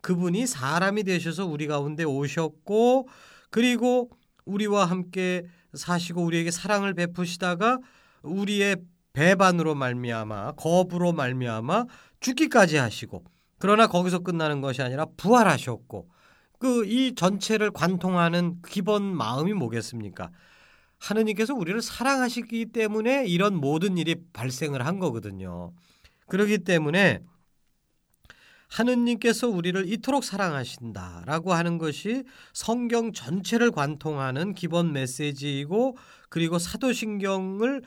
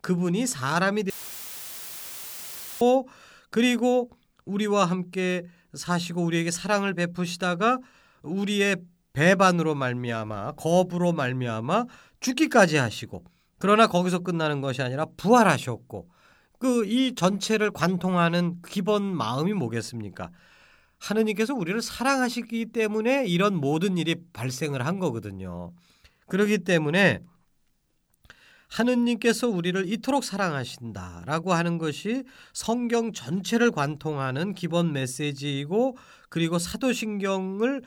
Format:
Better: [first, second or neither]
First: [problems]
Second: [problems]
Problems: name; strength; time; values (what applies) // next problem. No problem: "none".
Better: first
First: none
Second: audio cutting out; filled with static; at 1 s for 1.5 s